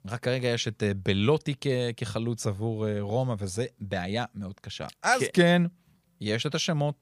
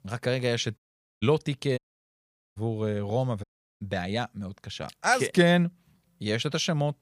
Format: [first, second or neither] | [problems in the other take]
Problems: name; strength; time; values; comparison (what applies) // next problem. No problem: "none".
first | audio cutting out; at 1 s, at 2 s for 1 s and at 3.5 s